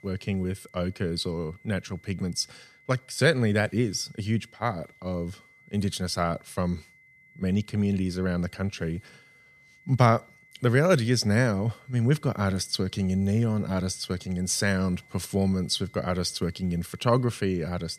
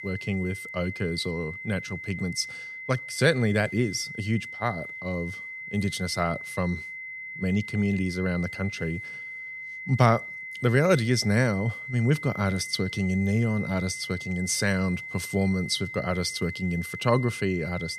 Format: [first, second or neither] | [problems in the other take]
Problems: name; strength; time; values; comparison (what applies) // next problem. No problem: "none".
first | high-pitched whine; loud; throughout; 2 kHz, 9 dB below the speech; faint in the first